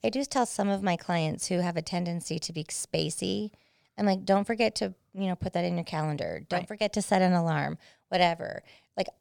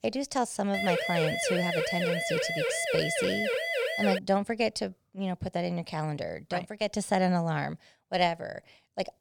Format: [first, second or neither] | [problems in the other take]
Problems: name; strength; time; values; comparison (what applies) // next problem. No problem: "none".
first | siren; loud; from 0.5 to 4 s; peak 2 dB above the speech